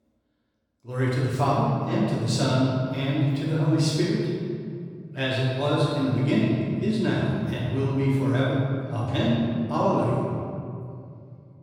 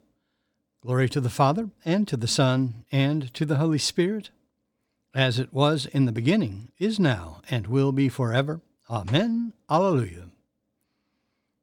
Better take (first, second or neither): second